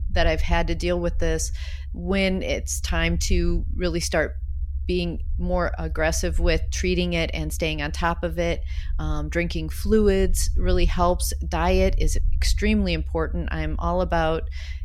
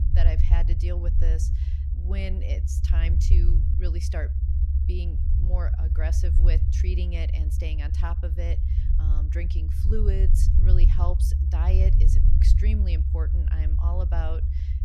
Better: first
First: low rumble; faint; throughout; 25 dB below the speech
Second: low rumble; loud; throughout; 2 dB below the speech

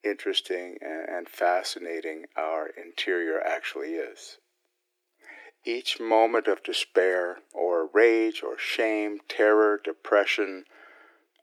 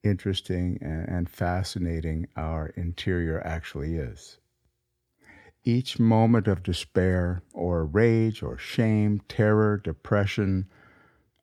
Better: second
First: thin; very; fading below 300 Hz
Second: none

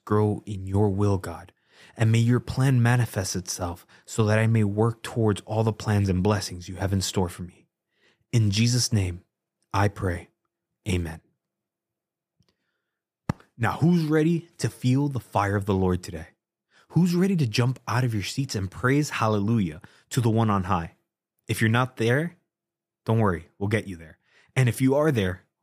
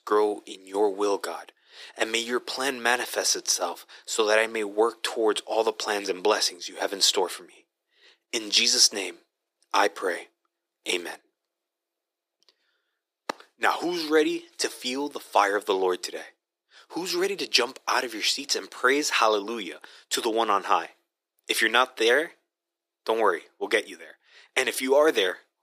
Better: first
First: none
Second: thin; very; fading below 350 Hz

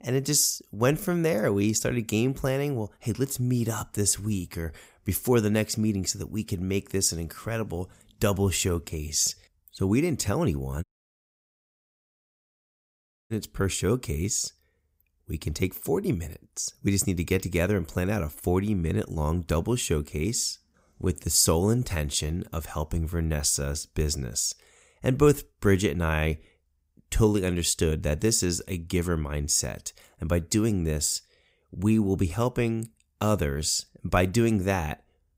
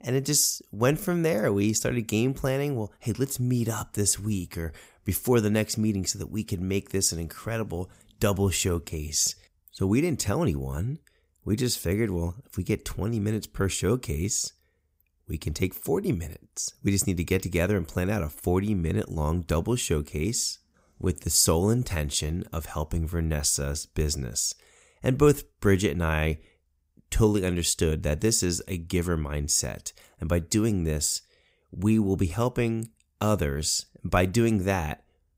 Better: second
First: audio cutting out; at 11 s for 2.5 s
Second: none

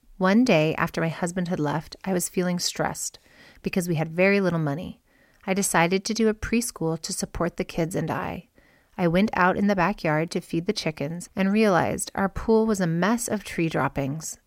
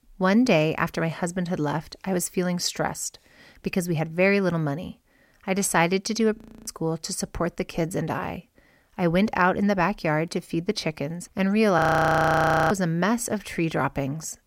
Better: first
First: none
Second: audio freezing; at 6.5 s and at 12 s for 1 s

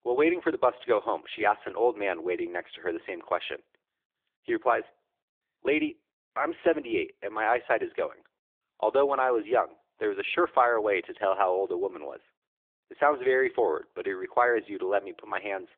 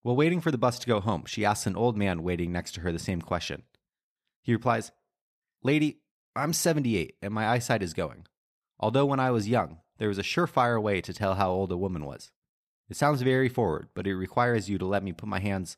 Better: second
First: phone-call audio; nothing above 3.5 kHz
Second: none

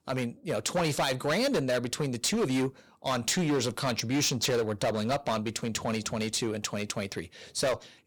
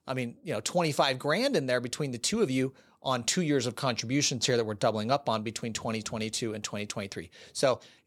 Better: second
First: distortion; heavy; 11% of the sound clipped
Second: none

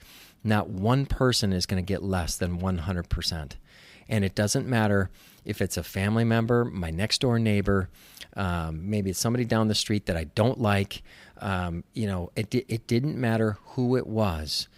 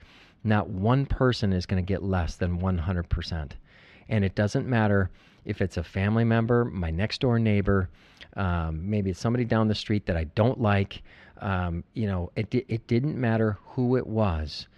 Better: first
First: none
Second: muffled; slightly; fading above 3 kHz

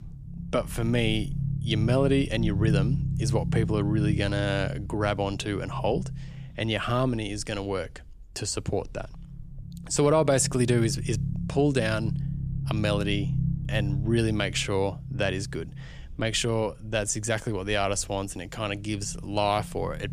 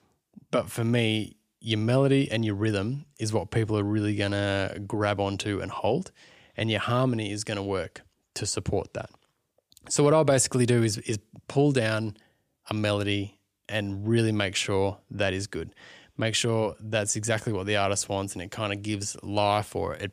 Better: second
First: low rumble; noticeable; throughout; 15 dB below the speech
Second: none

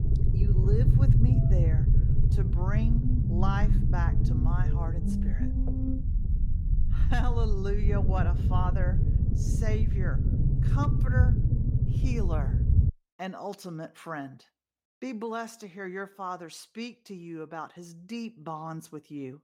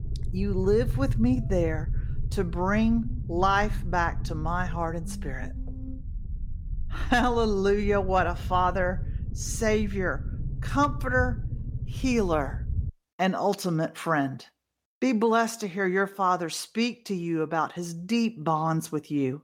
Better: second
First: low rumble; loud; until 13 s; 2 dB below the speech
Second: low rumble; faint; until 13 s; 20 dB below the speech

